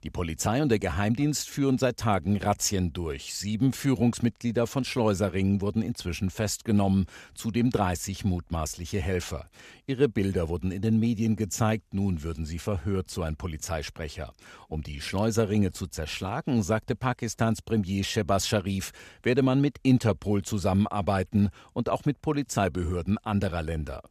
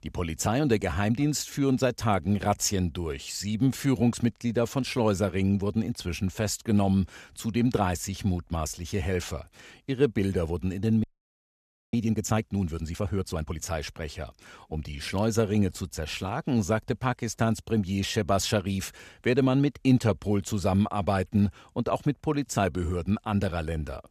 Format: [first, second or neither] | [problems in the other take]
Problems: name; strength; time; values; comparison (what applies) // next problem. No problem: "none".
first | audio freezing; at 11 s for 1 s